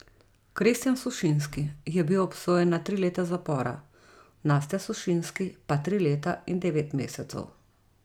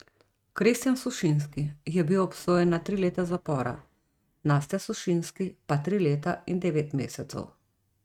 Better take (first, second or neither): first